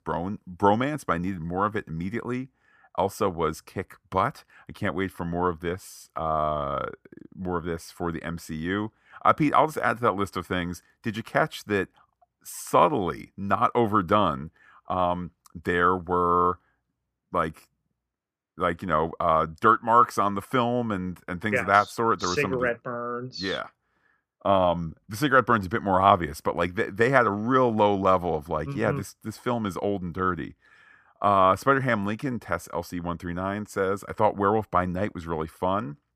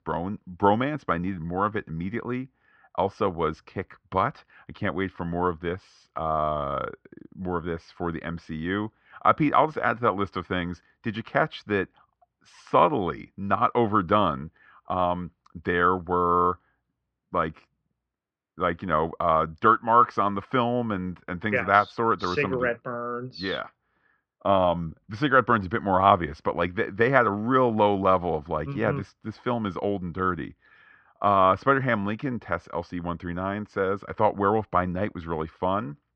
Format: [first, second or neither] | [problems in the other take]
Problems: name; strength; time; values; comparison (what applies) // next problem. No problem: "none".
first | muffled; very slightly; fading above 4 kHz